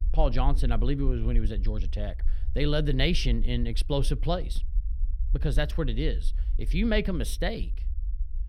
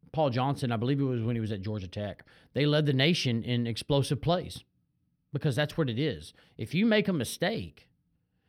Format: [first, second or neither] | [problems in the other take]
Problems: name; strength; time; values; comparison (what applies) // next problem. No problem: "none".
second | low rumble; faint; throughout; 25 dB below the speech